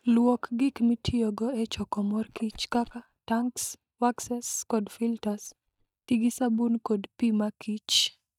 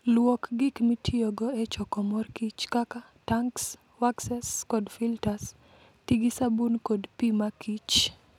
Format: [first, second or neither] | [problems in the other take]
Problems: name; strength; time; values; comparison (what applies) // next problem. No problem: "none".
second | noise reduction (neural mask model DeepFilterNet 3)